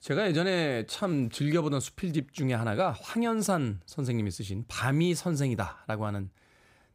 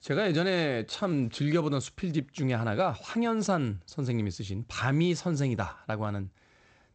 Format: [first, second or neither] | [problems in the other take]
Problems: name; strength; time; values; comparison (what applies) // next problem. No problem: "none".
first | garbled, watery; slightly; nothing above 8 kHz